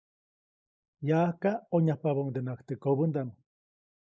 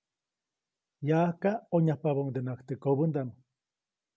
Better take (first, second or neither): second